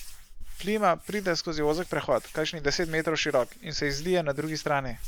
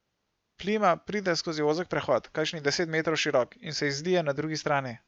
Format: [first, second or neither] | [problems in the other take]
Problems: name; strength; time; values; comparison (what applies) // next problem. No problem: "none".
second | background sound (Hands); 11 dB below the speech